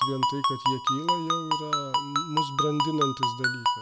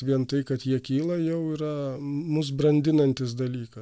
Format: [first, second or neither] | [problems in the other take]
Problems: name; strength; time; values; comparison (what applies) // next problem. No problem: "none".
second | background sound (Ringtone); 5 dB above the speech